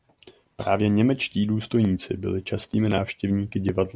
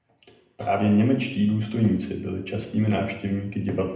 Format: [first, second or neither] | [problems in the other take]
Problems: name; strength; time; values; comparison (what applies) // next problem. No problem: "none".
first | room echo; dies away in 0.8 s